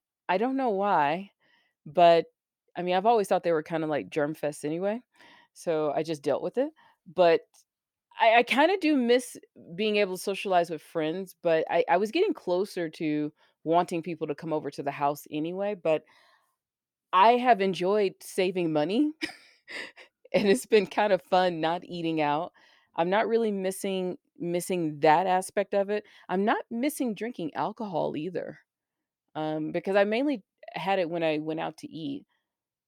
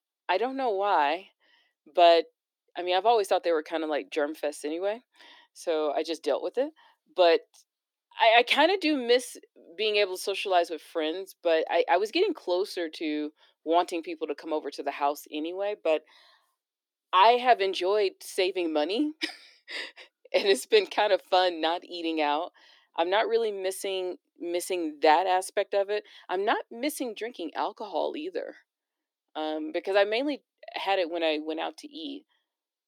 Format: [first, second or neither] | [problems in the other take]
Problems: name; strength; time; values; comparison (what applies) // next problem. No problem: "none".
first | thin; somewhat; fading below 300 Hz